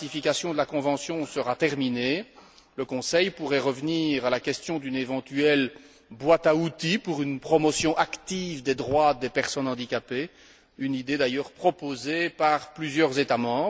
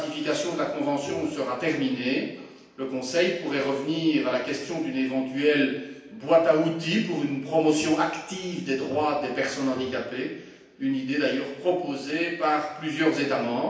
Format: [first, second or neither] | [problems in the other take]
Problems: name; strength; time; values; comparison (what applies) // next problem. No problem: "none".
first | background sound (Bowed string instrument); 18 dB below the speech // room echo; dies away in 0.9 s